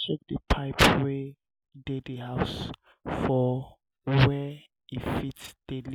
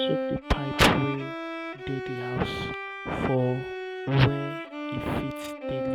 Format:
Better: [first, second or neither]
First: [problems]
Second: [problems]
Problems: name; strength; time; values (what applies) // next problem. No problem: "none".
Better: first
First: none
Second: background sound (Bowed string instrument); 5 dB below the speech